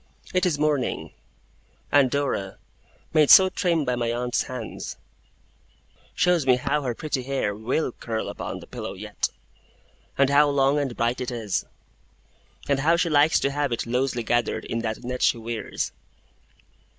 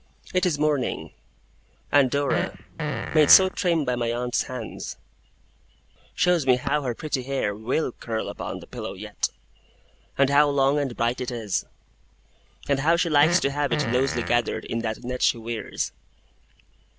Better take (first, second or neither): first